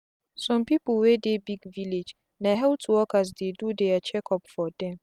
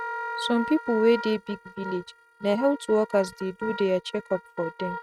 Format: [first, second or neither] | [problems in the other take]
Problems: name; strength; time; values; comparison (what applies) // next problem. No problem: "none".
first | noise reduction (neural mask model RNNoise)